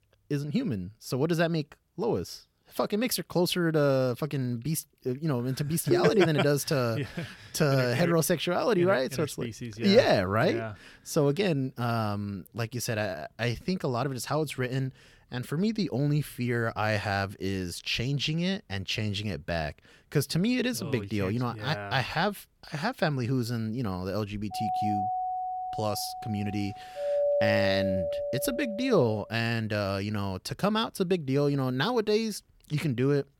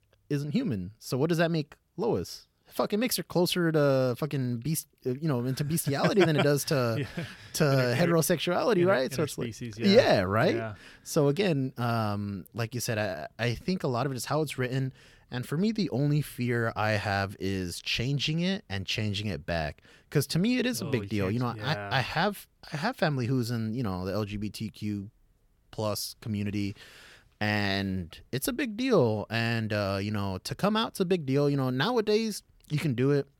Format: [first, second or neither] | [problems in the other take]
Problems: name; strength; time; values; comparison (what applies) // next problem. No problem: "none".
second | phone ringing; loud; at 6 s; peak 2 dB above the speech // doorbell; loud; from 25 to 29 s; peak 3 dB above the speech